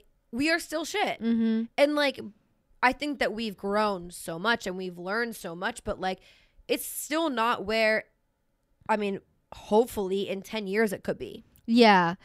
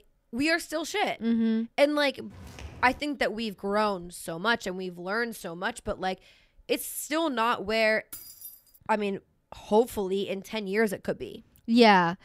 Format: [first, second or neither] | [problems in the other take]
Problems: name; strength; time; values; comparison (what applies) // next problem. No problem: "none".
first | footsteps; faint; at 2.5 s; peak 15 dB below the speech // jangling keys; faint; at 8 s; peak 15 dB below the speech